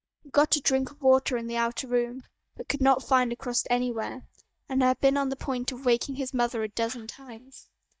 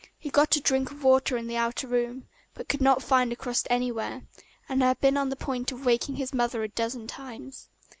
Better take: second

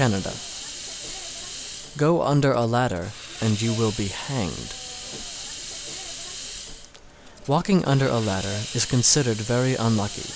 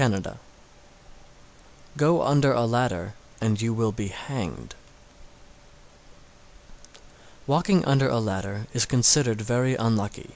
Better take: second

